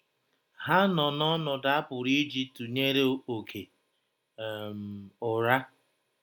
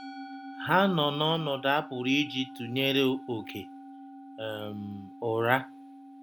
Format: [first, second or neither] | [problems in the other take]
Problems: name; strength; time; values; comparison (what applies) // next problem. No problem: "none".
first | background sound (Musical instrument); 15 dB below the speech